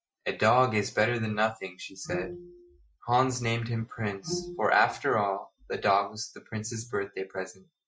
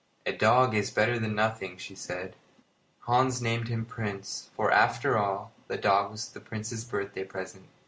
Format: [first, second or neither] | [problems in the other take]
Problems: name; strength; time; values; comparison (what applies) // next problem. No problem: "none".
second | noise reduction (classical method Wiener filter)